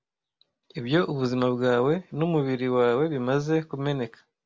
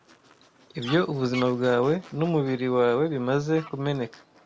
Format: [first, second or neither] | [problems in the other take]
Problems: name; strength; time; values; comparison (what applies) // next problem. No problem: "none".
first | background sound (Fowl); 20 dB below the speech